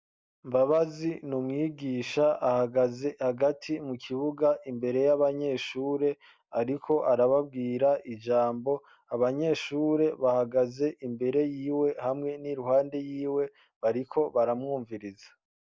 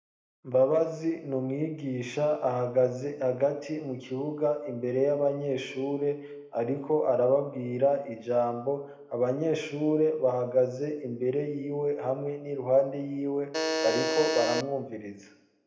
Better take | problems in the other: first | background sound (Alarm); 1 dB below the speech // room echo; dies away in 0.7 s

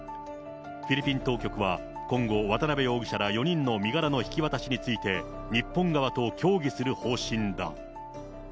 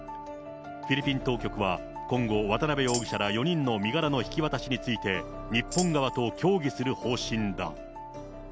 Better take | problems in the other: first | background sound (Tambourine); 13 dB below the speech

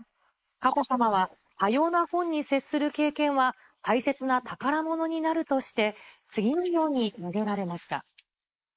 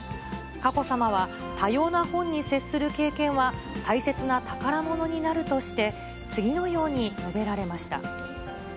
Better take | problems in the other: second | noise reduction (neural mask model Resemble Enhance denoiser)

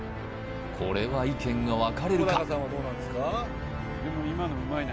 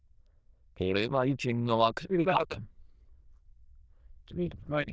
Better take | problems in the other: first | noise reduction (neural diffusion model UNIVERSE++)

